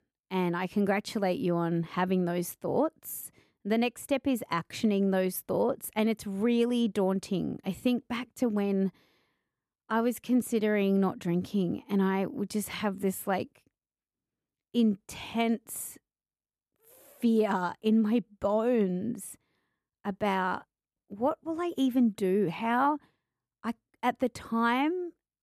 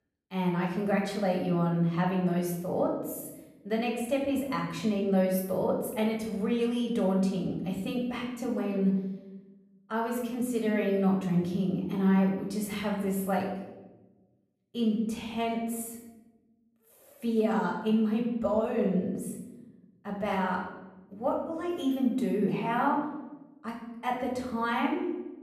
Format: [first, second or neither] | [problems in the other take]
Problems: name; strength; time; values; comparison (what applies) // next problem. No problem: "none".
first | off-mic speech; far // room echo; noticeable; dies away in 0.9 s